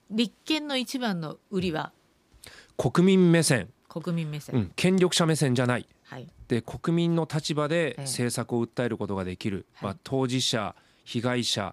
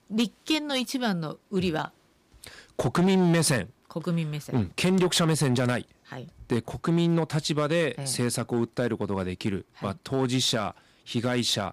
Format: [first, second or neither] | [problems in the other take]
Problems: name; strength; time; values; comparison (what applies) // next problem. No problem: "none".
first | distortion; slight; 6% of the sound clipped